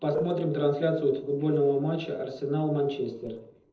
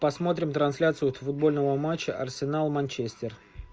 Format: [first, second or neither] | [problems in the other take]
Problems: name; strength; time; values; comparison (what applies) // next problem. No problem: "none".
second | noise reduction (neural separator model SepFormer DNS4)